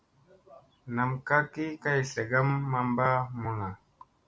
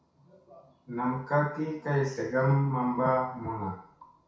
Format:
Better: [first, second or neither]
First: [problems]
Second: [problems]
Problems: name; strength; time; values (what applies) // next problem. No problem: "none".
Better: first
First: none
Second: room echo; dies away in 0.6 s